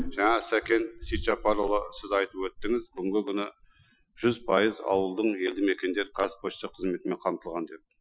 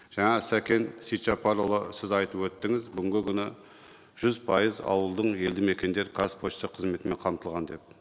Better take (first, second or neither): second